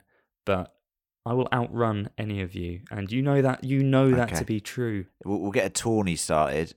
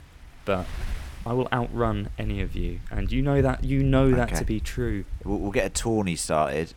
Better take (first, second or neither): first